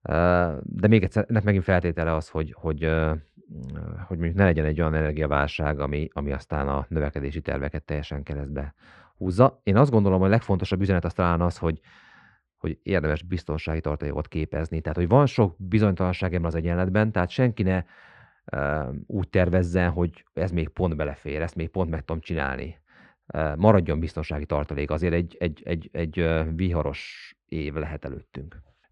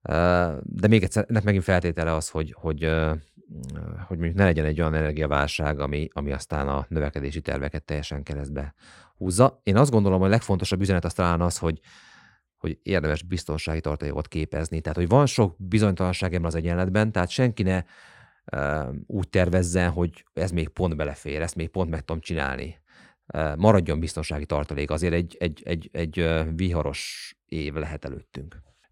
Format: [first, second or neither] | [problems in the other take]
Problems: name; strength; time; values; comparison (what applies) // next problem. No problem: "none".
second | muffled; slightly; fading above 3 kHz